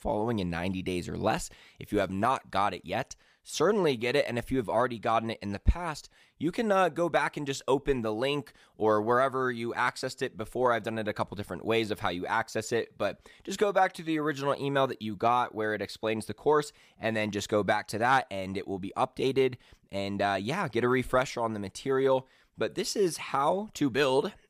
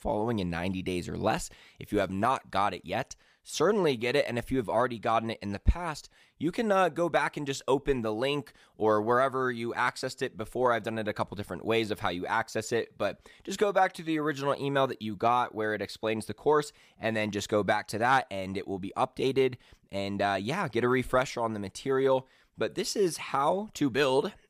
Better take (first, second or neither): neither